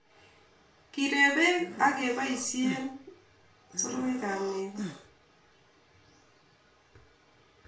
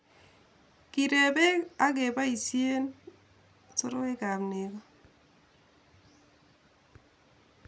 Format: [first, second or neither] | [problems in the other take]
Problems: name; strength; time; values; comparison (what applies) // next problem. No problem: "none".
second | background sound (Breathing); 10 dB below the speech // room echo; dies away in 0.4 s